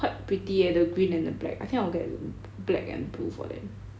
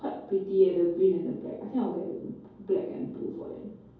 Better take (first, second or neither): first